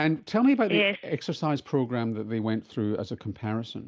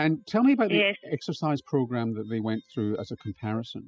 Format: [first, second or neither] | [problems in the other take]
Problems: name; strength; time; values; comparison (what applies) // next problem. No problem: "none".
first | noise reduction (classical method spectral subtraction)